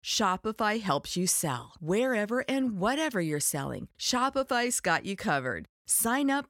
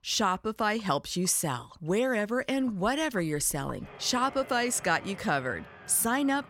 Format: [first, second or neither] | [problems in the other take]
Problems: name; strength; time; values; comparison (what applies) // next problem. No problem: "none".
first | household noises; faint; throughout; 20 dB below the speech